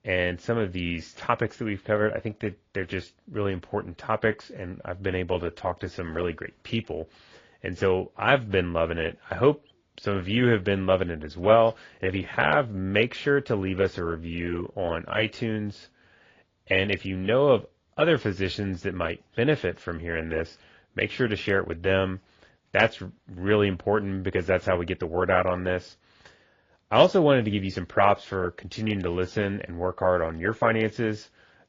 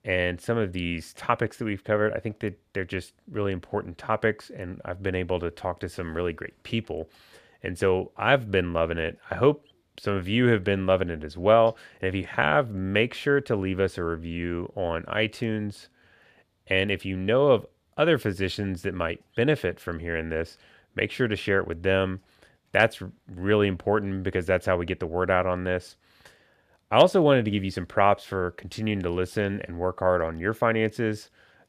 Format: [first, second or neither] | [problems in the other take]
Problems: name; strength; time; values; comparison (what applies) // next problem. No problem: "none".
second | garbled, watery; slightly